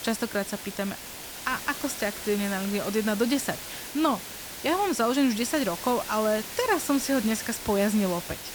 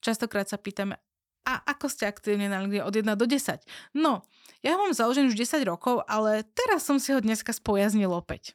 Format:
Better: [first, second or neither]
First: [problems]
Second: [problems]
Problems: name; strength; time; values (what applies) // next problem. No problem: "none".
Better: second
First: hiss; loud; throughout; 8 dB below the speech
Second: none